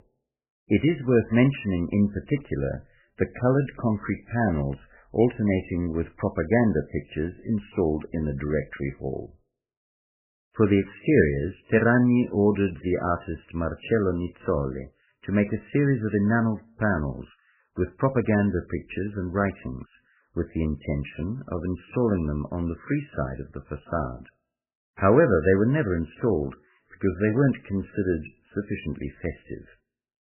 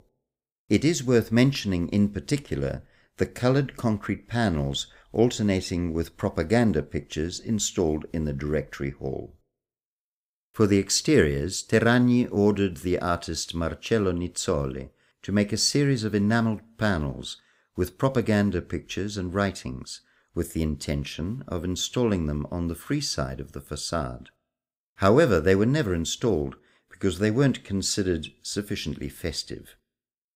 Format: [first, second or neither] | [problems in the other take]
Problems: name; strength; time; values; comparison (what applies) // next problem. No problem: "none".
second | garbled, watery; badly; nothing above 3 kHz